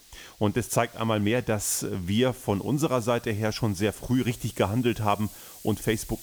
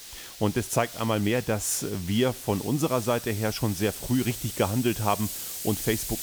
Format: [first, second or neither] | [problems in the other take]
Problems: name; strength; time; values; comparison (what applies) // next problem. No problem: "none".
first | hiss; loud; throughout; 9 dB below the speech; faint in the first